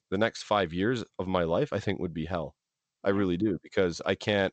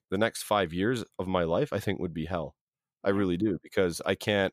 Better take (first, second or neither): second